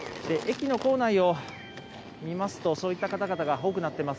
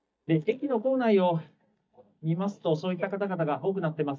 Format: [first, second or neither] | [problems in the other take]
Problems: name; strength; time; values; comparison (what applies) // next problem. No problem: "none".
first | noise reduction (neural mask model DeepFilterNet 3)